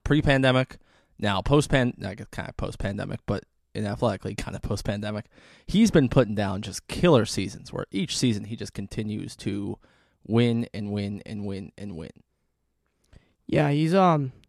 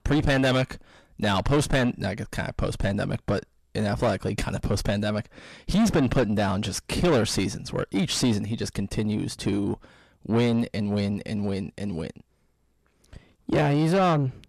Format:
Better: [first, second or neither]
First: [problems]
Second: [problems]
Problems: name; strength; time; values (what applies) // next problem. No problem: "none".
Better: first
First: none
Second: distortion; heavy; 5 dB below the speech